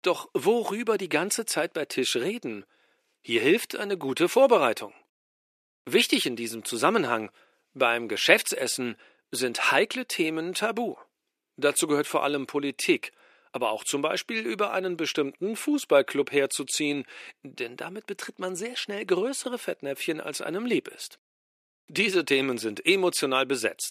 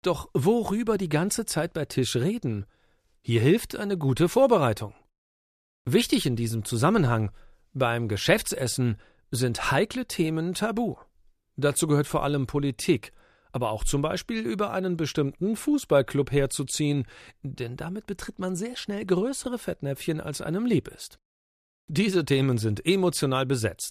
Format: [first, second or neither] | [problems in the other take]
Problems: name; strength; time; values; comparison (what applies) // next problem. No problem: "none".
second | thin; somewhat; fading below 300 Hz